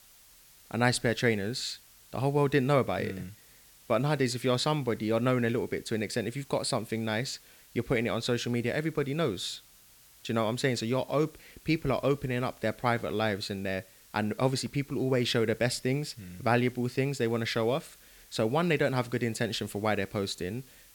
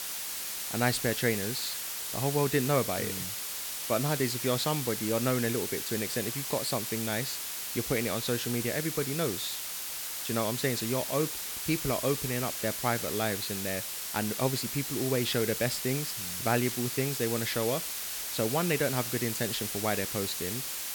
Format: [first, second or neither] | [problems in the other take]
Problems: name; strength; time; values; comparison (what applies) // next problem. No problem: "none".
first | hiss; loud; throughout; 2 dB below the speech; faint in the first